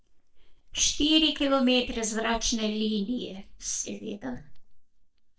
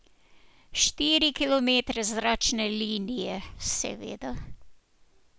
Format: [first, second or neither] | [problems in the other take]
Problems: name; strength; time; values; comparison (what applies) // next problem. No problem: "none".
second | noise reduction (neural mask model DeepFilterNet 3)